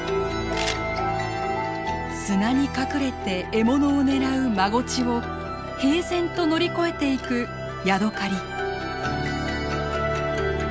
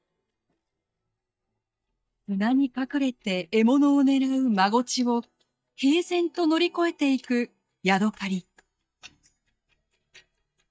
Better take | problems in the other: first | noise reduction (neural mask model DeepFilterNet 3)

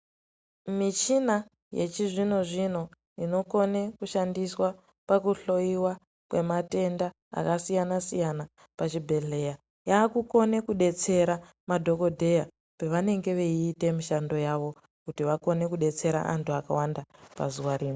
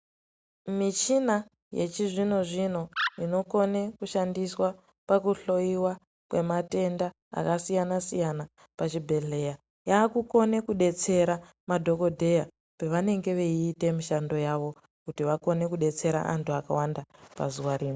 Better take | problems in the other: first | background sound (Animal); 8 dB below the speech

